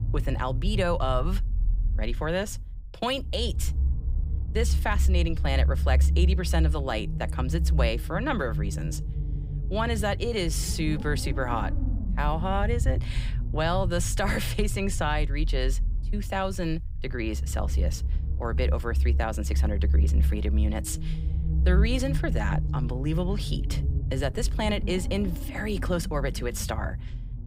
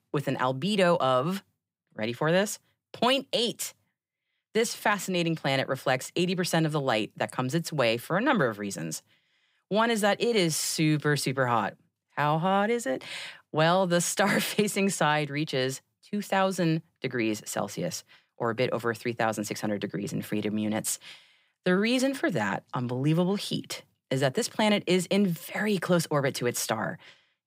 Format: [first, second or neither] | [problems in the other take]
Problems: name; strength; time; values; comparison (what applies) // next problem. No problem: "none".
second | low rumble; noticeable; throughout; 15 dB below the speech